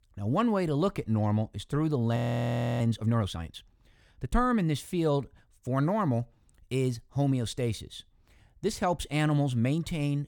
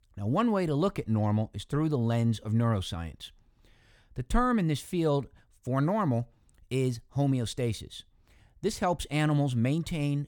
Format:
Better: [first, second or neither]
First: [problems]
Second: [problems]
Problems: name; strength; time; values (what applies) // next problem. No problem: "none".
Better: second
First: audio freezing; at 2 s for 0.5 s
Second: none